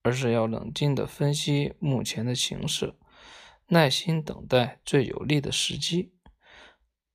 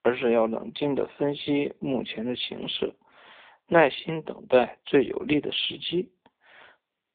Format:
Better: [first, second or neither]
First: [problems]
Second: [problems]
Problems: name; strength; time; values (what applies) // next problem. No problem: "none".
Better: first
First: none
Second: phone-call audio; poor line; nothing above 3.5 kHz